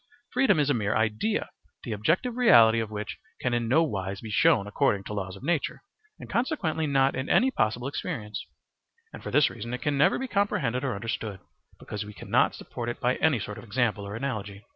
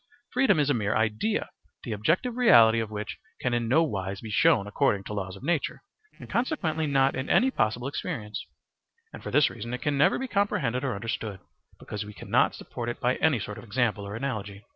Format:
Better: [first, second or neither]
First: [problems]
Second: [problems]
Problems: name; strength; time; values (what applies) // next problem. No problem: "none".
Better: first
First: none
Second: noise reduction (neural separator model SepFormer DNS4)